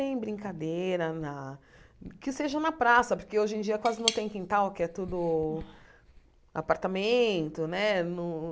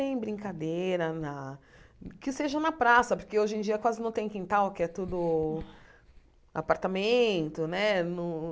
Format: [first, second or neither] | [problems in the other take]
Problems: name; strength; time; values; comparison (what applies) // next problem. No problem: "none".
second | background sound (Cutlery, silverware / Tap); 6 dB below the speech